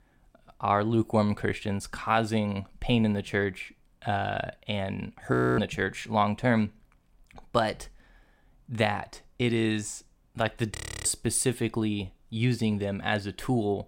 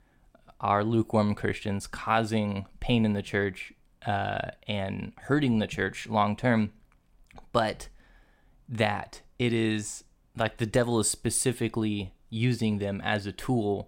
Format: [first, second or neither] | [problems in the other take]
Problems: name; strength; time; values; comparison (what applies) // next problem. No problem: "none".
second | audio freezing; at 5.5 s and at 11 s